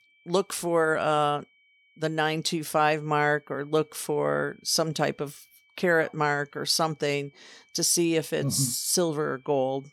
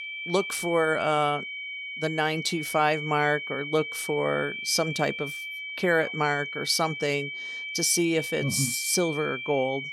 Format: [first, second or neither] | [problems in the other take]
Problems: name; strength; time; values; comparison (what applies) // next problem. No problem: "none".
first | high-pitched whine; loud; throughout; 2.5 kHz, 7 dB below the speech; faint in the first